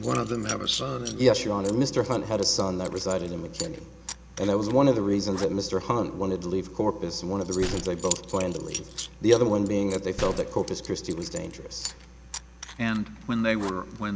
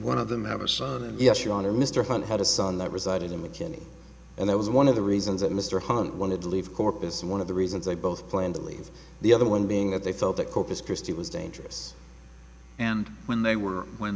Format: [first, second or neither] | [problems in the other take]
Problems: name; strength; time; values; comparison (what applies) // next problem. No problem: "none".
second | background sound (Gunshot, gunfire + Coin (dropping) / Zipper (clothing)); 14 dB below the speech